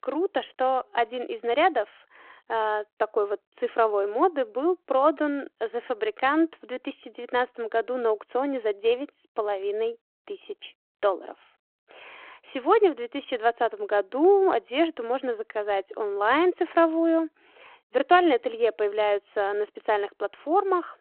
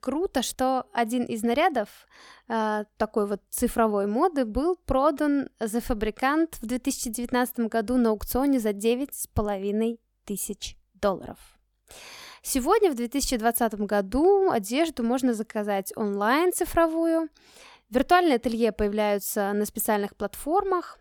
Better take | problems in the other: second | phone-call audio

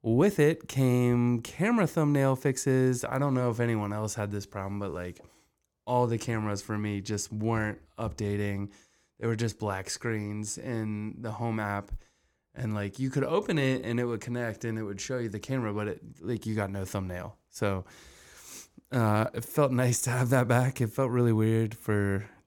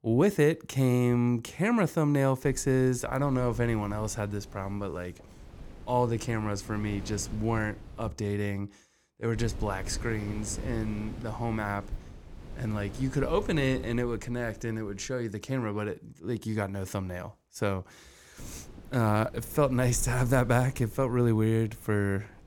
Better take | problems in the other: first | wind noise on the microphone; occasional gusts; from 2.5 to 8 s, from 9.5 to 15 s and from 18 s on; 20 dB below the speech

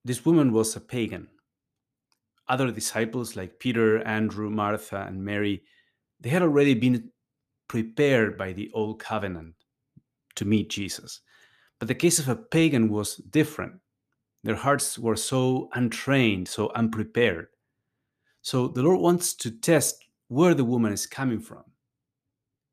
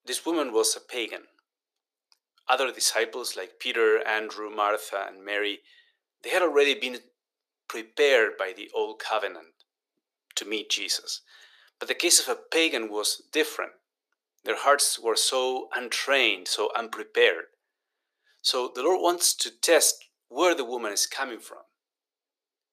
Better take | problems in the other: first | thin; very; fading below 400 Hz

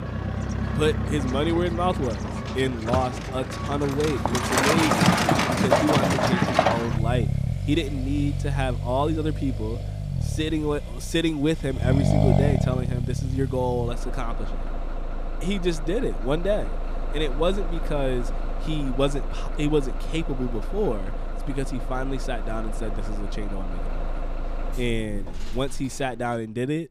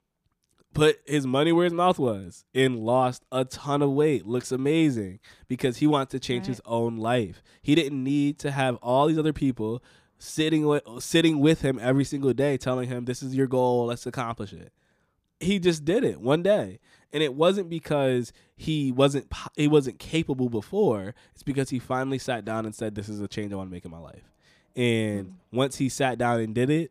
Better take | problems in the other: second | traffic noise; very loud; throughout; 1 dB above the speech

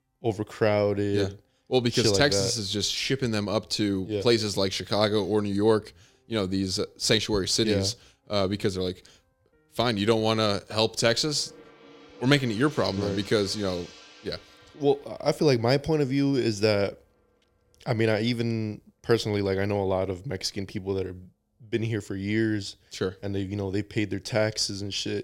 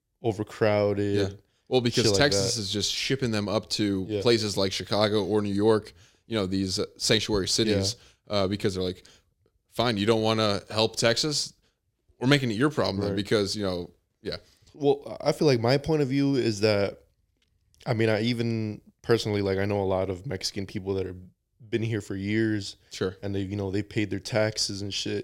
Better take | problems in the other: second | background music; faint; throughout; 20 dB below the speech

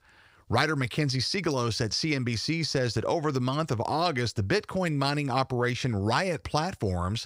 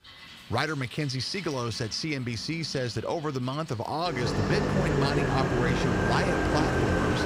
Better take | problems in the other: first | traffic noise; very loud; throughout; 3 dB above the speech

